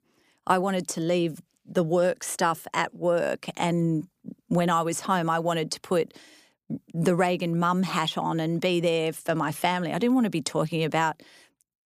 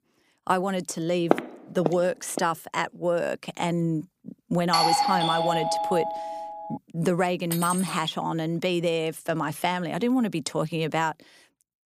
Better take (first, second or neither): first